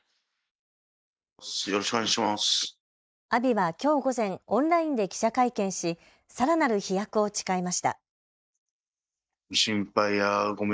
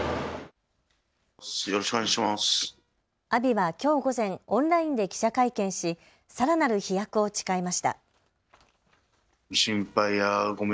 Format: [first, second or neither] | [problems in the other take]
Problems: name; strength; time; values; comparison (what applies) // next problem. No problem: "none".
second | noise reduction (neural mask model Resemble Enhance denoiser)